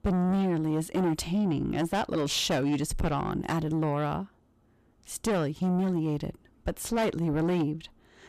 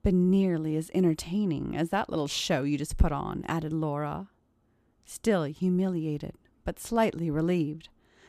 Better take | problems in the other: second | distortion; heavy; 7 dB below the speech

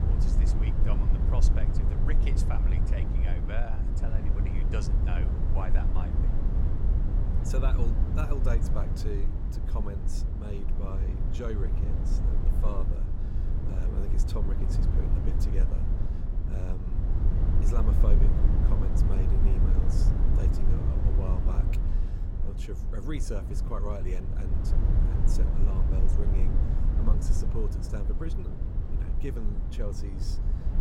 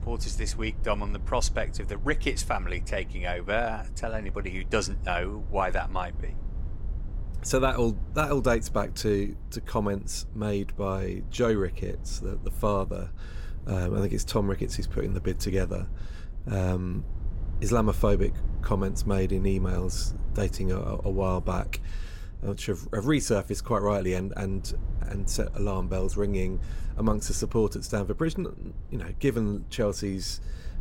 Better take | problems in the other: second | low rumble; loud; throughout; as loud as the speech; faint in the second

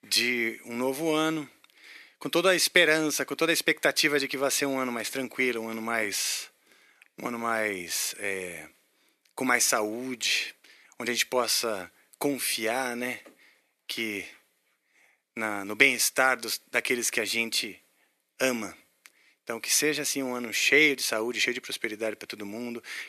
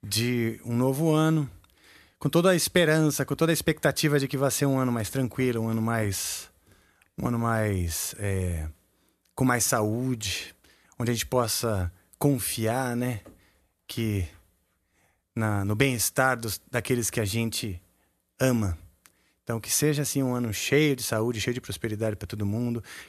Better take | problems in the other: second | thin; somewhat; fading below 300 Hz

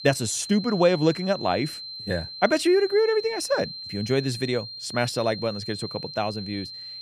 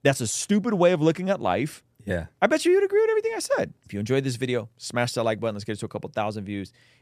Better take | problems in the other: second | high-pitched whine; loud; throughout; 4 kHz, 10 dB below the speech

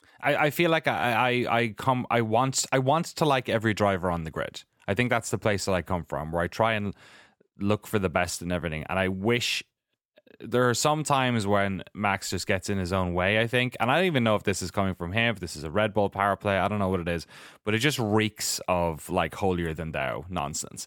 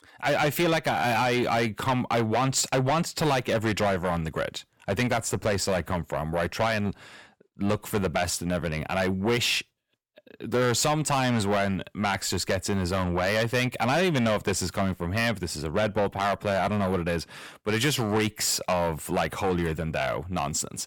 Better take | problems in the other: first | distortion; heavy; 7 dB below the speech

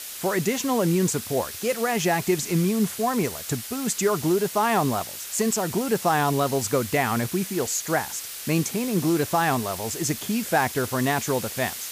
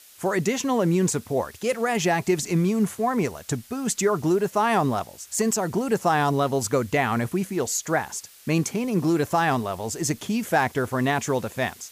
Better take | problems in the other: second | hiss; loud; throughout; 8 dB below the speech; faint in the second

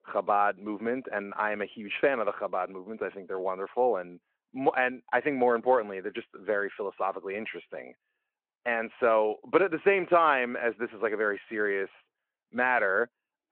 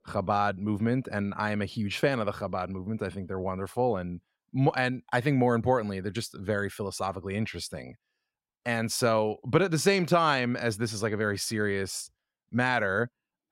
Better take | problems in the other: second | phone-call audio

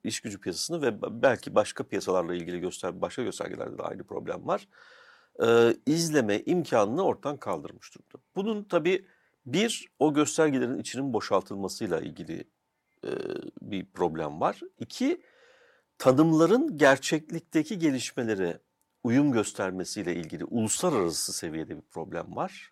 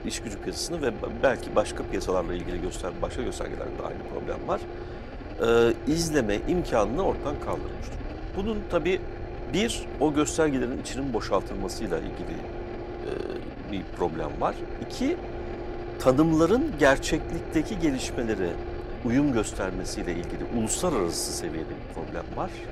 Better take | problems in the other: first | low rumble; noticeable; throughout; 10 dB below the speech

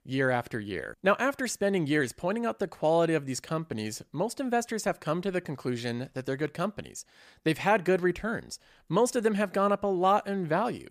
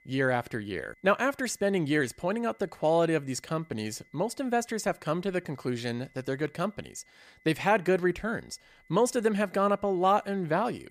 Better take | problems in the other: first | high-pitched whine; faint; throughout; 2 kHz, 30 dB below the speech

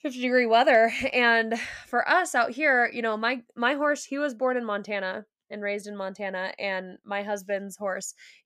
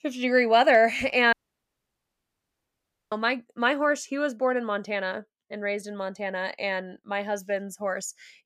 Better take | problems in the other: first | audio cutting out; at 1.5 s for 2 s

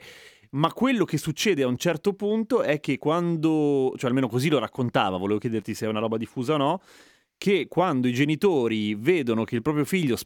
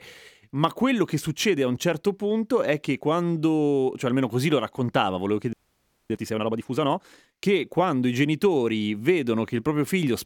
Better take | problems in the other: first | audio freezing; at 5.5 s for 0.5 s

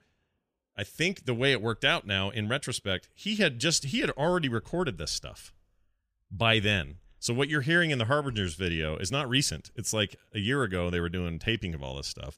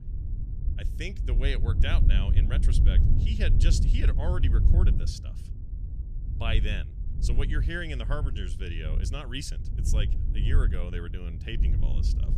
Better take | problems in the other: first | wind noise on the microphone; heavy; 7 dB below the speech

